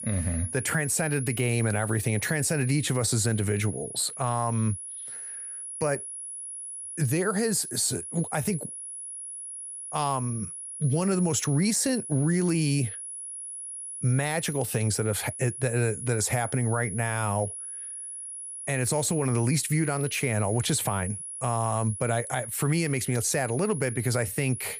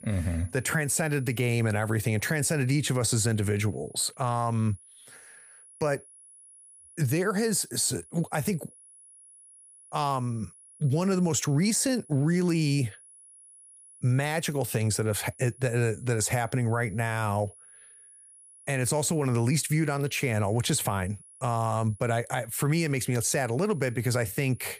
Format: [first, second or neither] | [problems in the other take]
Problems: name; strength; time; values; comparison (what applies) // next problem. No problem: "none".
second | high-pitched whine; loud; throughout; 10.5 kHz, 8 dB below the speech; faint in the second